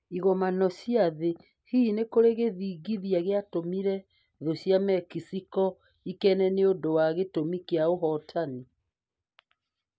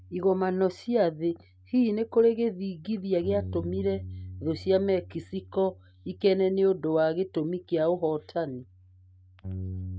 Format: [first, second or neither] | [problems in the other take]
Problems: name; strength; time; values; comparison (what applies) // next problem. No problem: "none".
first | noise reduction (neural mask model RNNoise)